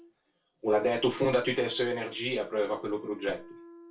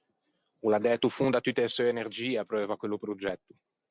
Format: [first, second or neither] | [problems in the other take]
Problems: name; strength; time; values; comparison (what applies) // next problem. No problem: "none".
second | background sound (Wind instrument, woodwind instrument); 19 dB below the speech // room echo; dies away in 0.3 s